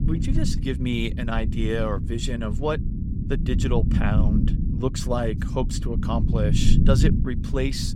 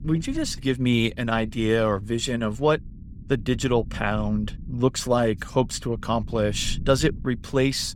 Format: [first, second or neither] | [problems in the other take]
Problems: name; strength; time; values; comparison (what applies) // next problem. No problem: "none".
second | low rumble; loud; throughout; 6 dB below the speech; faint in the second